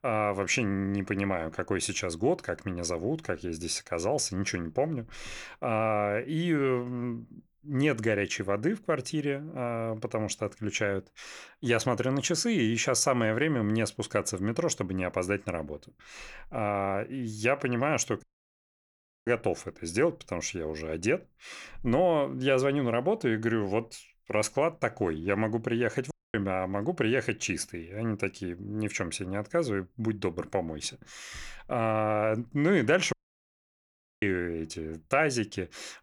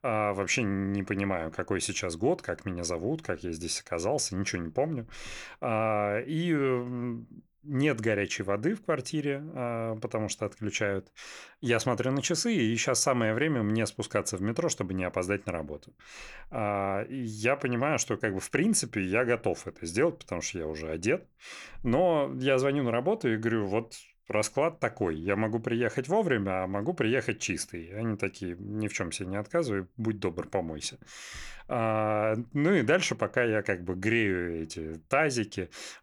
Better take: second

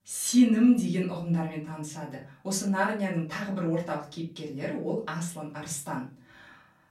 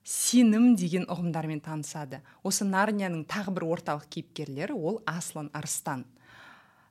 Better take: second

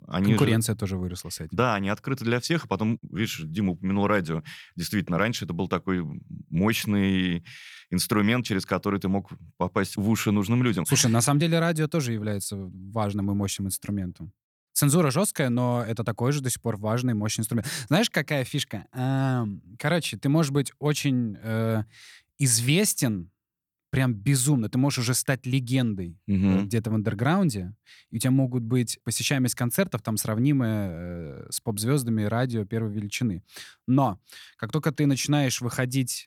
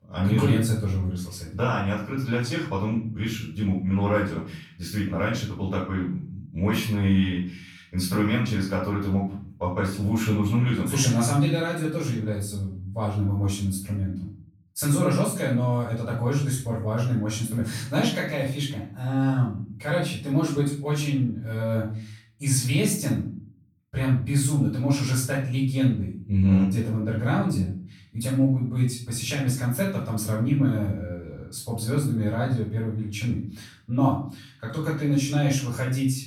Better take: first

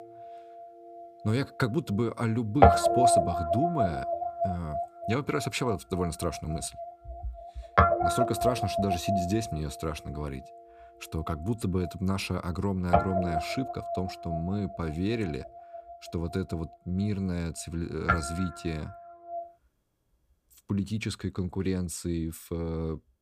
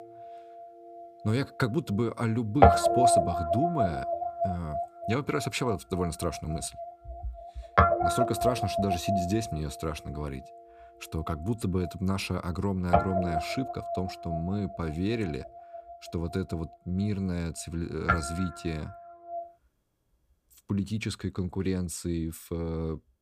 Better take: neither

